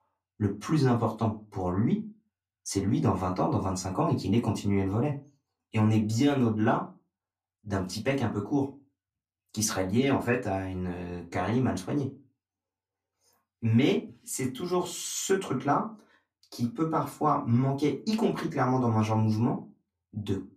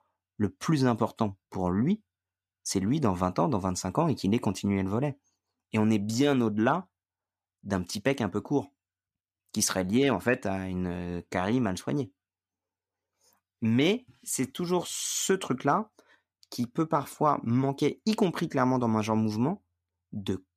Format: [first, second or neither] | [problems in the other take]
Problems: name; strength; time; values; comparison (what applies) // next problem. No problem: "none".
second | off-mic speech; far // room echo; very slight; dies away in 0.2 s